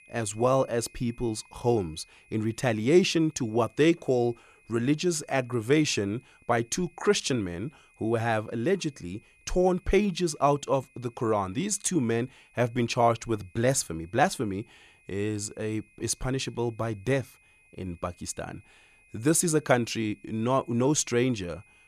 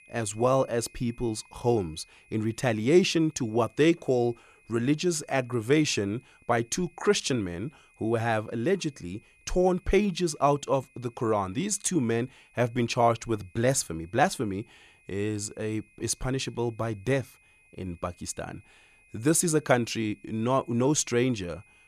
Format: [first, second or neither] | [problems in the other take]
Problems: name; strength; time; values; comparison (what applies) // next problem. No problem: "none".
neither | high-pitched whine; faint; throughout; 2.5 kHz, 30 dB below the speech; the same in both